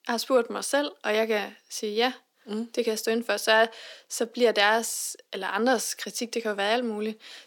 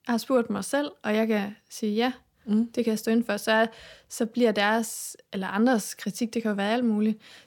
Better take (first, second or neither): second